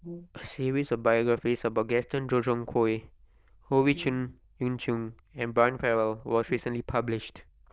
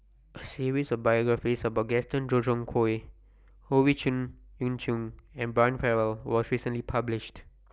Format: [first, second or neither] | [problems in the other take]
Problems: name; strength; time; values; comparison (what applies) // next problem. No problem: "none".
second | noise reduction (neural diffusion model UNIVERSE++)